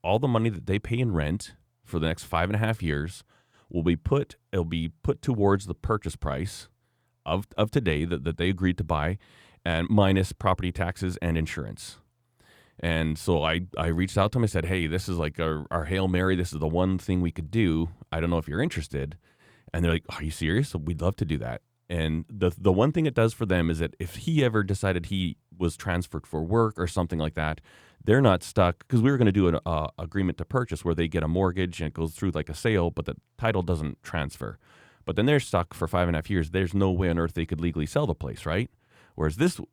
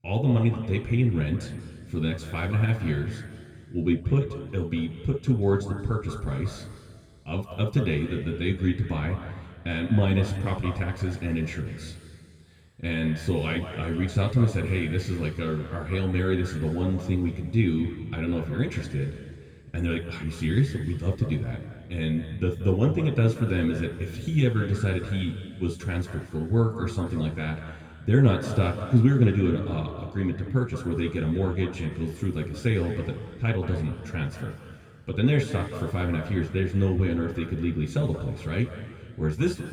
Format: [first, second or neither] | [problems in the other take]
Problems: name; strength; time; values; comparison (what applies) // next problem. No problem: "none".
first | room echo; noticeable; dies away in 2.1 s // off-mic speech; somewhat distant